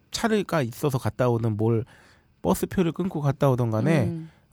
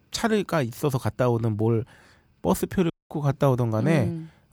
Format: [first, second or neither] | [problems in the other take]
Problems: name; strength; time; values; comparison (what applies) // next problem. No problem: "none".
first | audio cutting out; at 3 s